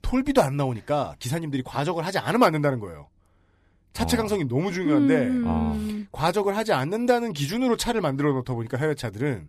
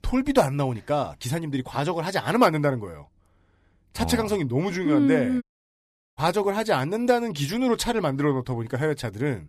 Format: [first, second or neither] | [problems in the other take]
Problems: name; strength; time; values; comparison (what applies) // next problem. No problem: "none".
first | audio cutting out; at 5.5 s for 1 s